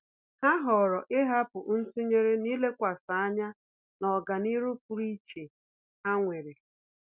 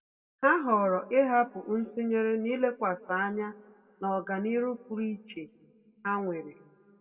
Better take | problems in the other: first | room echo; dies away in 1.2 s

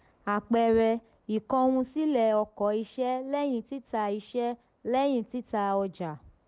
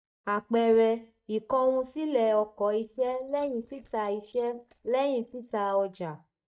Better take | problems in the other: first | noise reduction (neural mask model DeepFilterNet 3)

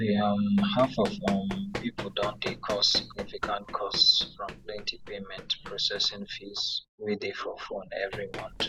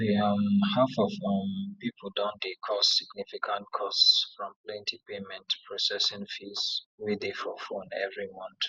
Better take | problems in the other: second | background sound (Run); 11 dB below the speech

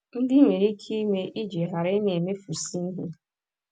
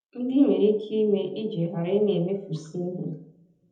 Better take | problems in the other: first | room echo; dies away in 0.8 s

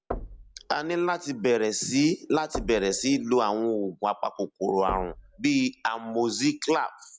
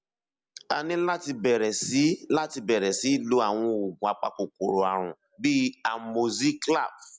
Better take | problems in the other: second | background sound (Knock / Wood); 15 dB below the speech

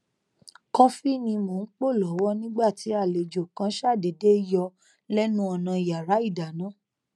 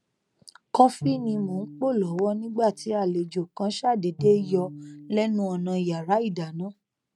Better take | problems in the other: first | background sound (Bowed string instrument); 15 dB below the speech

